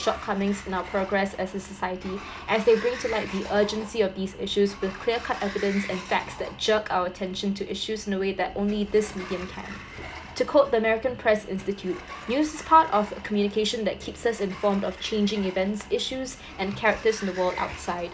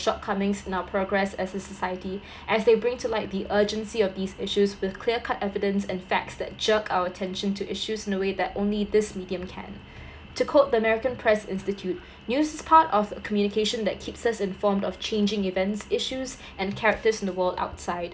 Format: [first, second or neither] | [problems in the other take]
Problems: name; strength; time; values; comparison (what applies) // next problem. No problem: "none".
second | background sound (Sliding door); 16 dB below the speech